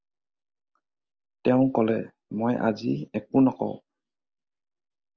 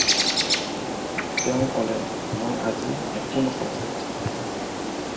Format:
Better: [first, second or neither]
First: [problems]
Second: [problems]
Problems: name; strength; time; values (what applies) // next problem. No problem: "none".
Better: first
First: none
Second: background sound (Bird); 4 dB above the speech // room echo; dies away in 1.6 s